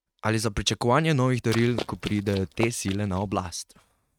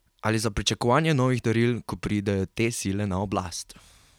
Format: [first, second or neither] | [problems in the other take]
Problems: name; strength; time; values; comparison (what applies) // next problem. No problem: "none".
second | noise reduction (neural mask model RNNoise)